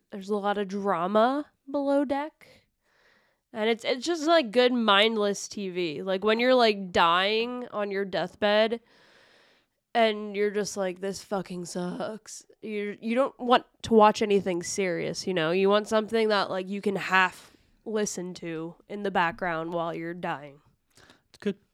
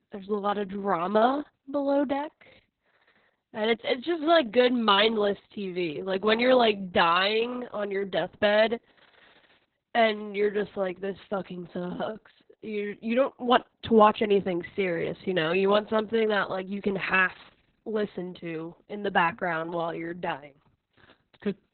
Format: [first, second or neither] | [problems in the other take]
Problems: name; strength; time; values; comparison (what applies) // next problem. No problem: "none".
first | garbled, watery; badly; nothing above 4 kHz